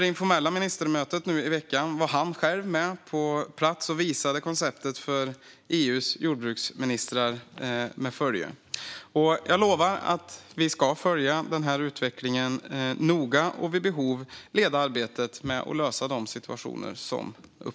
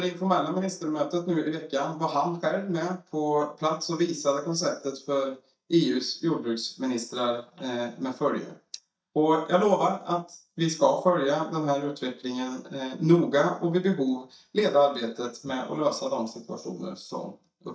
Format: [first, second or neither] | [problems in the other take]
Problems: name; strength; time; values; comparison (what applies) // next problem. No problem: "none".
first | noise reduction (neural mask model DeepFilterNet 3)